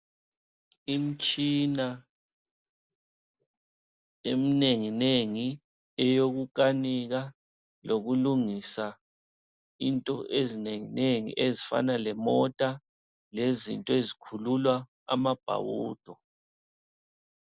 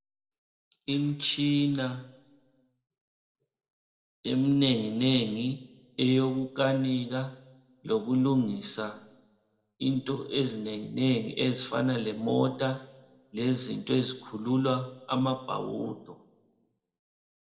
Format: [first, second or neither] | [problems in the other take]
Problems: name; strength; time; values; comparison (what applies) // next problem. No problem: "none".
first | room echo; dies away in 0.8 s